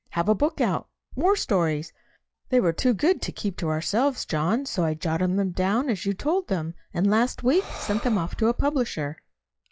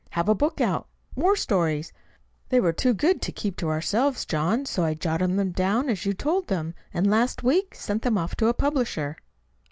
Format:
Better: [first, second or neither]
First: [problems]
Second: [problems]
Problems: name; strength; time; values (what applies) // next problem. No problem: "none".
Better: second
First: noise reduction (classical method log-MMSE)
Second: none